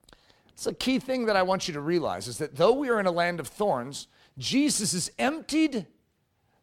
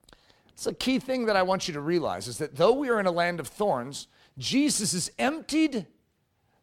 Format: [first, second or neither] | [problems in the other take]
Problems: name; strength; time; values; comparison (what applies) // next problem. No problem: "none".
neither | none